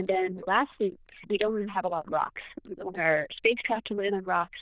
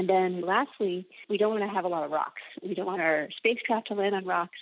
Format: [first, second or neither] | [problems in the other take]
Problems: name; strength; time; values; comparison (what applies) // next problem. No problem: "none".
second | noise reduction (neural diffusion model UNIVERSE++)